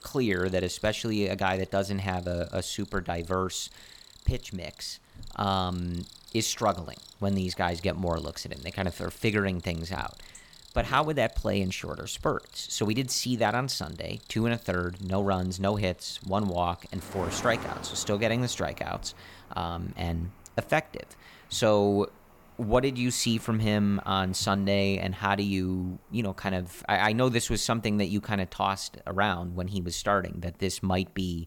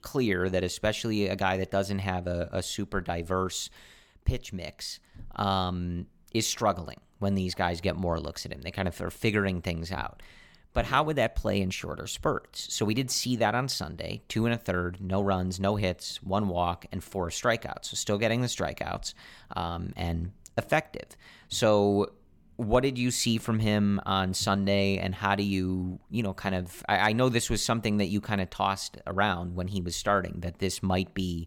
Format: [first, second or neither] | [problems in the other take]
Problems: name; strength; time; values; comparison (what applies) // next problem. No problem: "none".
second | animal sounds; noticeable; throughout; 20 dB below the speech